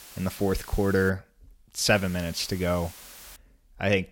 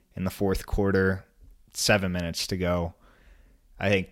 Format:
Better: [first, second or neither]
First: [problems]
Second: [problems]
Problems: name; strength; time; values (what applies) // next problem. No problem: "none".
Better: second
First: hiss; noticeable; until 1 s and from 2 to 3.5 s; 20 dB below the speech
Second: none